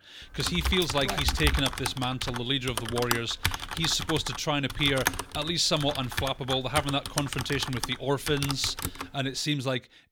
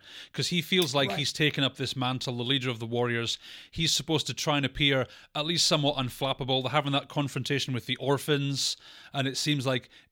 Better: second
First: keyboard typing; loud; until 9 s; peak 1 dB above the speech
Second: none

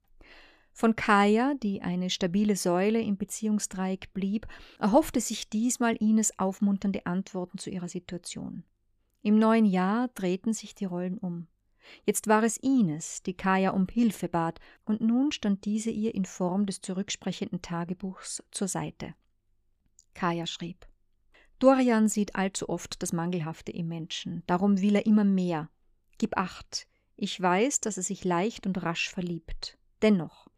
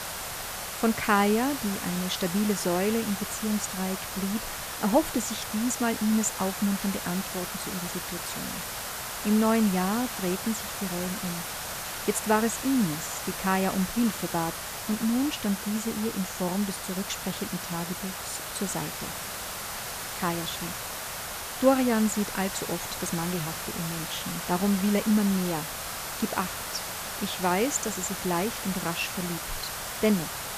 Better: first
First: none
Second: hiss; loud; throughout; 4 dB below the speech

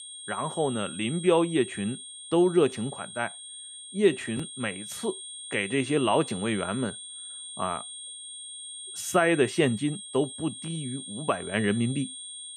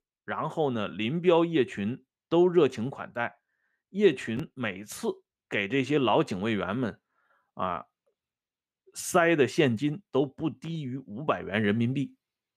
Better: second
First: high-pitched whine; noticeable; throughout; 8.5 kHz, 10 dB below the speech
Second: none

